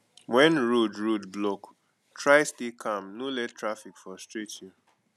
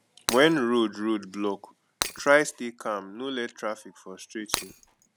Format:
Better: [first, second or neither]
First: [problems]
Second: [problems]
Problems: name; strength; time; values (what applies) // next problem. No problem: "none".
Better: first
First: none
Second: background sound (Shatter); 7 dB below the speech